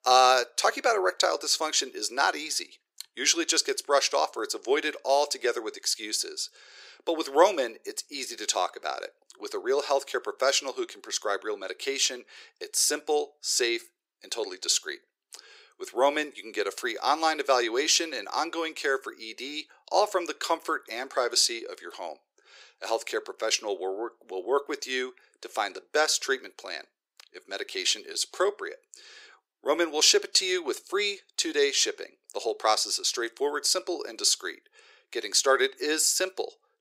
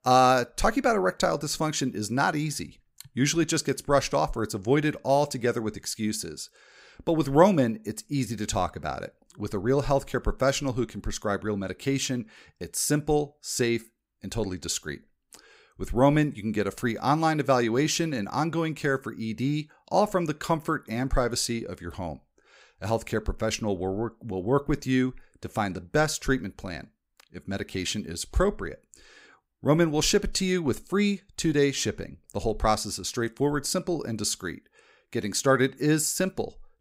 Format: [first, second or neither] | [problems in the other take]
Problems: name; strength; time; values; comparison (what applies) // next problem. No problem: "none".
second | thin; very; fading below 350 Hz